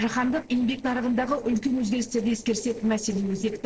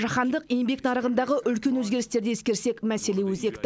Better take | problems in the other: second | noise reduction (neural separator model SepFormer DNS4)

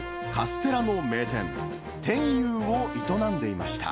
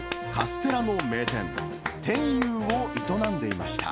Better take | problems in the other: first | background sound (Clapping); 9 dB below the speech

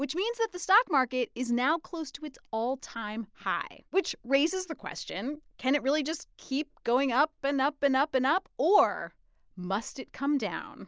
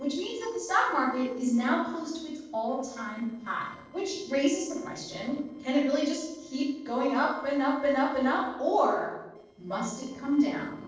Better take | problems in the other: first | noise reduction (neural separator model SepFormer DNS4)

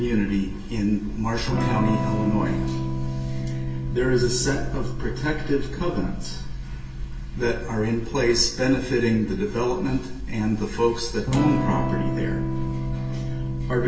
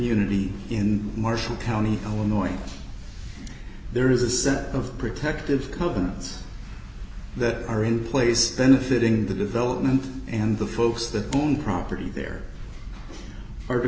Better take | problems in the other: second | background sound (Electric guitar / Strum); 5 dB below the speech // room echo; dies away in 0.2 s

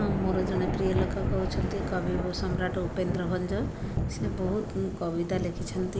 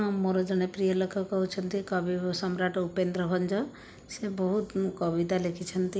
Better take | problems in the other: second | background sound (Thunder / Rain); as loud as the speech

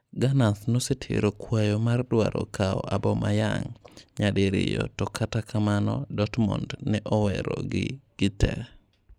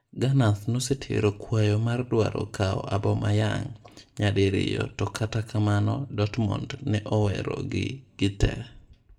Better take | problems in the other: first | room echo; dies away in 0.3 s

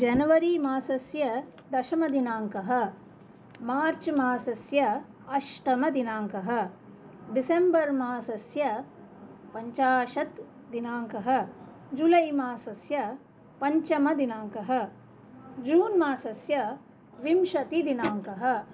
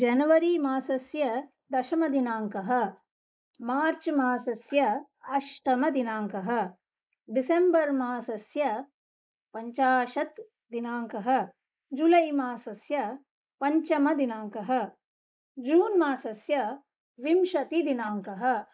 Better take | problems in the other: first | noise reduction (neural mask model Resemble Enhance denoiser)

